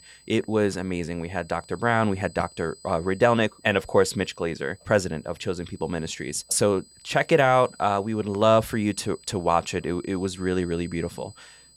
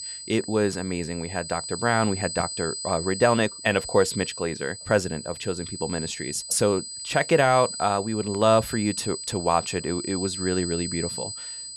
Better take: first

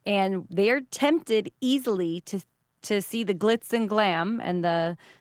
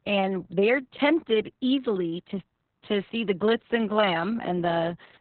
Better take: first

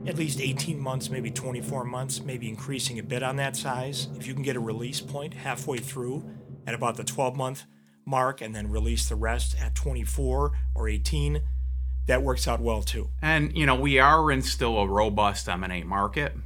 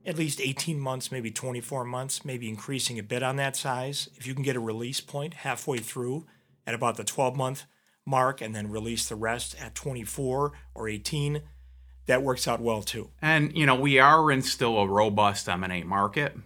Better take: second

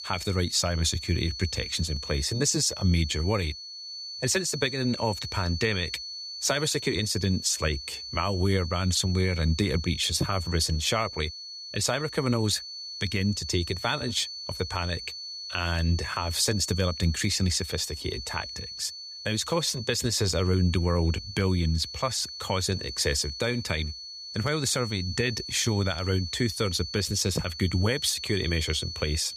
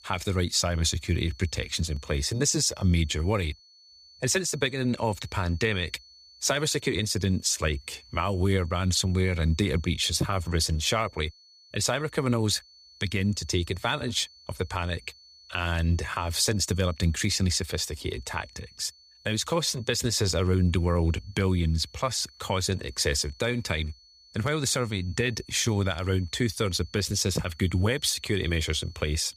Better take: second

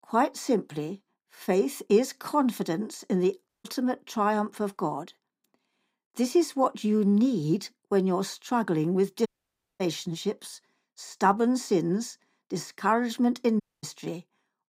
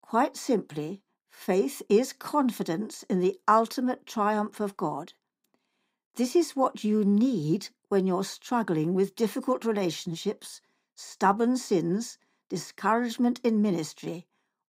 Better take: second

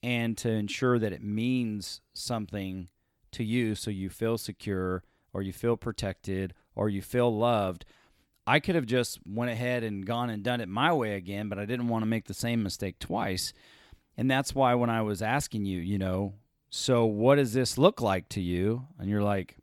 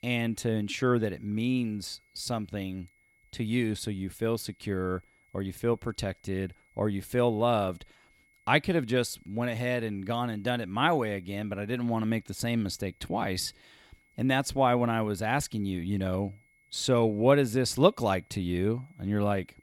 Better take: first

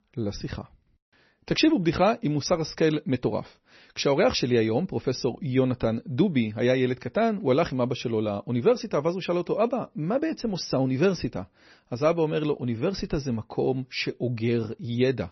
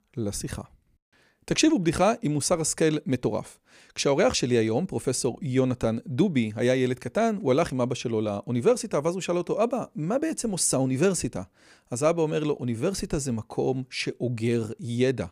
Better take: second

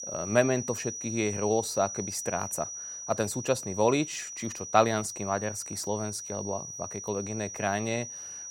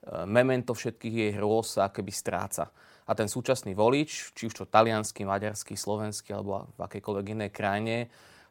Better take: second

